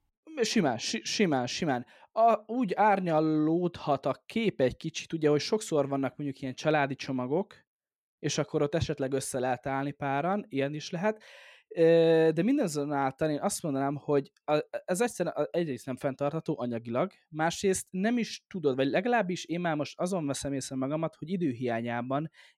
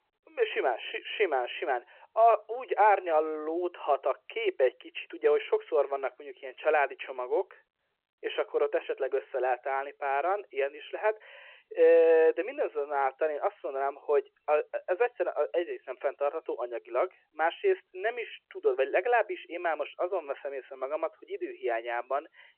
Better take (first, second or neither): first